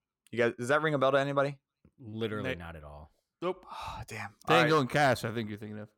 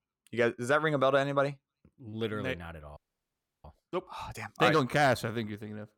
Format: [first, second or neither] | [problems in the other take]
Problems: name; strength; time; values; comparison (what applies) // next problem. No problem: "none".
first | audio freezing; at 3 s for 0.5 s